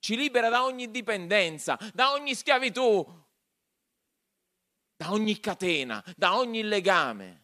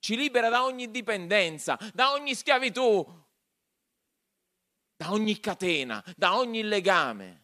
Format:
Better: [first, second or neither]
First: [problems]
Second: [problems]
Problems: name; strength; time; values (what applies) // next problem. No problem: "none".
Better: neither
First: none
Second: none